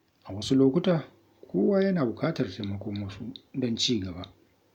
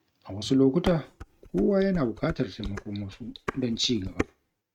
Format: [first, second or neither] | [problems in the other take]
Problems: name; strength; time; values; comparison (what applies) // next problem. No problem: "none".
first | noise reduction (neural mask model RNNoise)